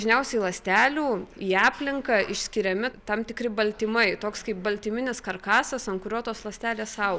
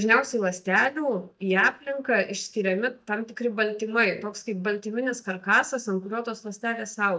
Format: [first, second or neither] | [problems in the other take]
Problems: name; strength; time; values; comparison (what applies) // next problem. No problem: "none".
first | noise reduction (neural mask model DeepFilterNet 3)